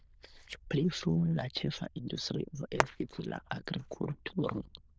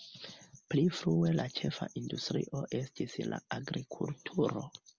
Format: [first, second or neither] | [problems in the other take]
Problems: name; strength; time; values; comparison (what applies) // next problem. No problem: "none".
second | noise reduction (neural diffusion model UNIVERSE++)